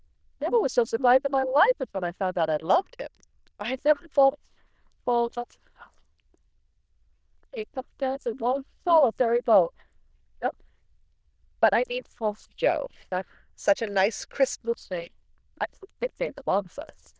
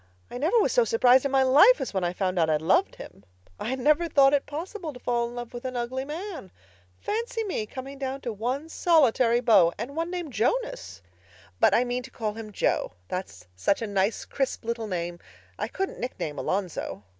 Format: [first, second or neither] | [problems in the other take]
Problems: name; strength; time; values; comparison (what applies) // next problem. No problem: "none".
second | noise reduction (neural diffusion model UNIVERSE++)